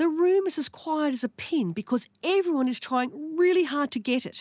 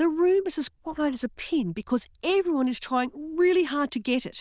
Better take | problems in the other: first | noise reduction (neural diffusion model UNIVERSE++)

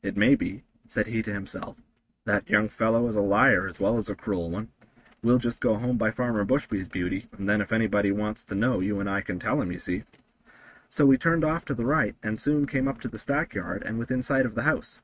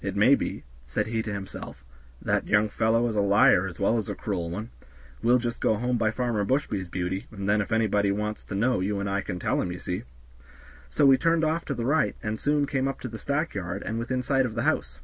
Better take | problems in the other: second | noise reduction (neural mask model RNNoise)

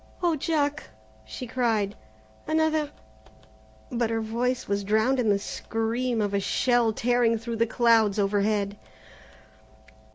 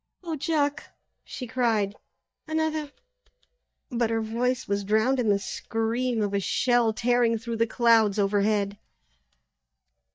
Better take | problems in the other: first | noise reduction (neural mask model DeepFilterNet 3)

